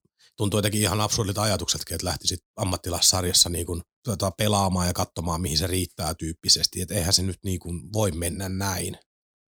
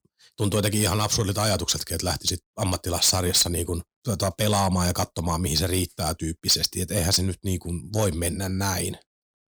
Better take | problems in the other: first | distortion; slight; 10 dB below the speech

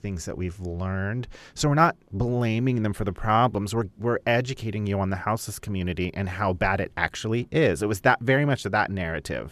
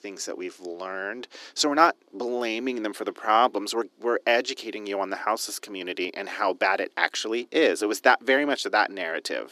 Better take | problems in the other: first | thin; somewhat; fading below 300 Hz

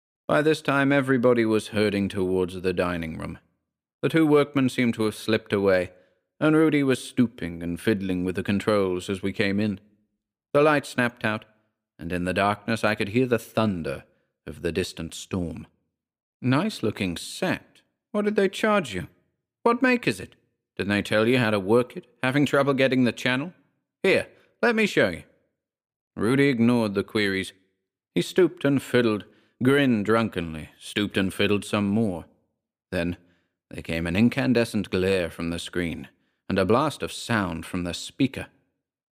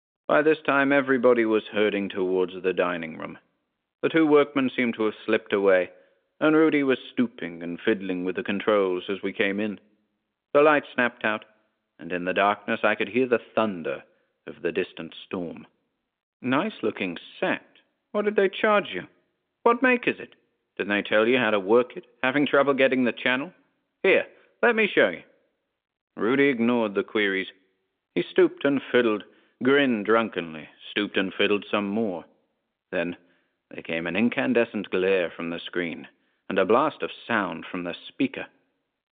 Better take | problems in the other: first | phone-call audio

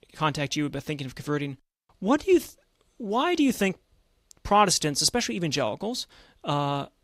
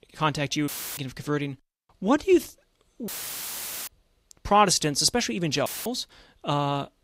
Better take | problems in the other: first | audio cutting out; filled with static; at 0.5 s, at 3 s for 1 s and at 5.5 s

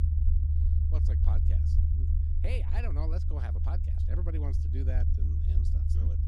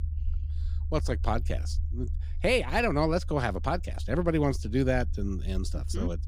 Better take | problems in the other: second | low rumble; loud; throughout; as loud as the speech; faint in the second

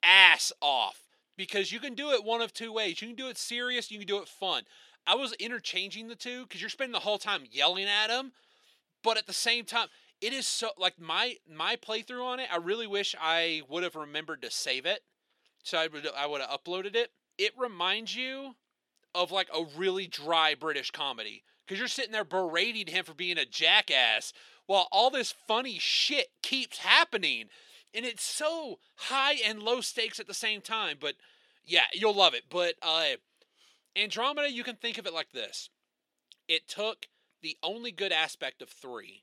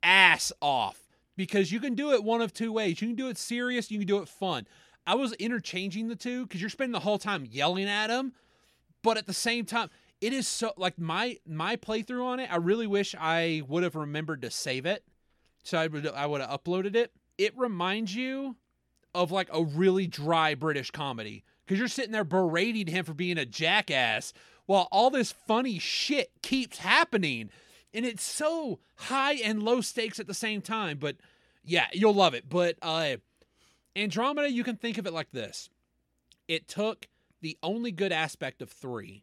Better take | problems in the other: second | thin; somewhat; fading below 450 Hz

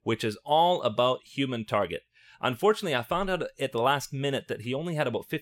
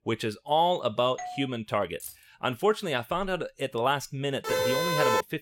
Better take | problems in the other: first | doorbell; faint; at 1 s; peak 10 dB below the speech // jangling keys; faint; at 2 s; peak 15 dB below the speech // siren; loud; at 4.5 s; peak 4 dB above the speech

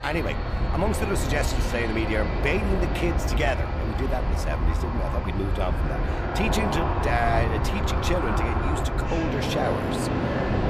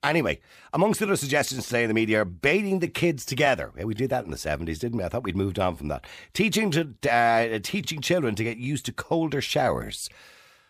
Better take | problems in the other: second | train or aircraft noise; very loud; throughout; 3 dB above the speech

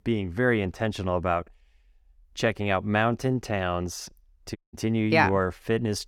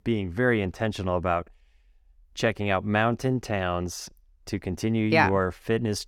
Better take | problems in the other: second | audio cutting out; at 4.5 s

